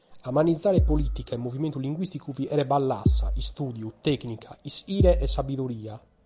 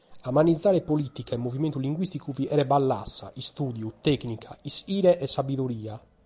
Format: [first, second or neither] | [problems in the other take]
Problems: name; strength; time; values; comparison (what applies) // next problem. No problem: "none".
second | background sound (Bass drum); 4 dB above the speech